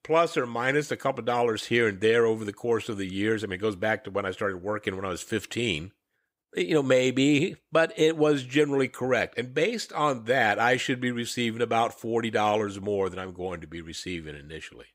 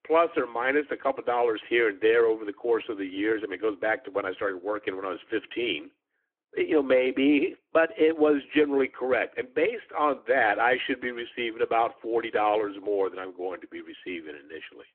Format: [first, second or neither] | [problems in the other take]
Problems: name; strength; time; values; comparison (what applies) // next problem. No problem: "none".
first | phone-call audio